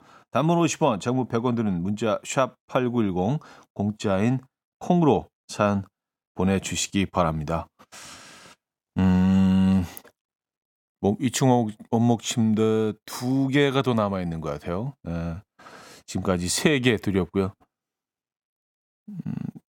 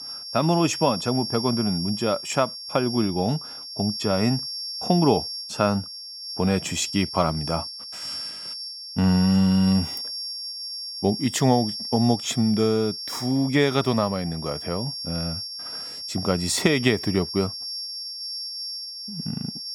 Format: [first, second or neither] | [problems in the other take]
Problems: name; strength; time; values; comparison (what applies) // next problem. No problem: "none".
first | high-pitched whine; loud; throughout; 5.5 kHz, 7 dB below the speech